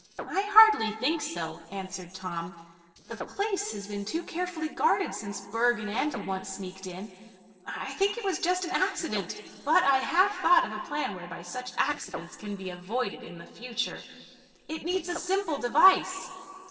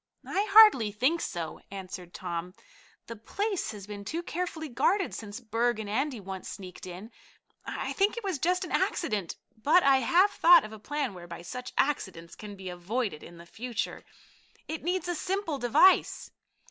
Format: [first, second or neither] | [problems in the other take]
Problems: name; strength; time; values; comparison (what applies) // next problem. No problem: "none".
second | noise reduction (neural separator model SepFormer DNS4)